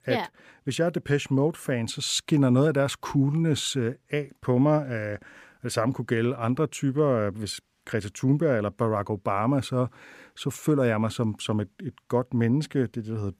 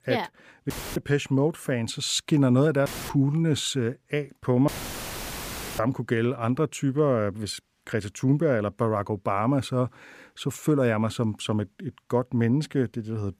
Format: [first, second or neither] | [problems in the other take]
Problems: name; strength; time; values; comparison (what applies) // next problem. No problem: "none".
first | audio cutting out; filled with static; at 0.5 s, at 3 s and at 4.5 s for 1 s